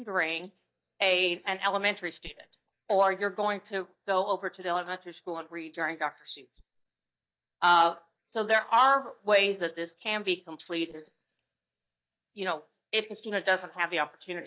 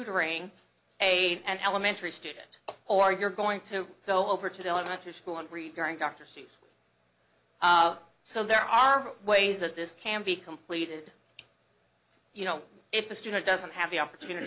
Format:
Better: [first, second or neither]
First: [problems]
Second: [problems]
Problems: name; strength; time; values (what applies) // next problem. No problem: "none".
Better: second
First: noise reduction (neural mask model DeepFilterNet 3)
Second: none